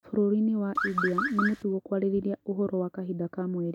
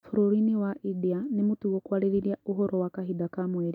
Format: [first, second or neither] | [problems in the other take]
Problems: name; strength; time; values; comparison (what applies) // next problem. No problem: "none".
second | background sound (Car); 3 dB below the speech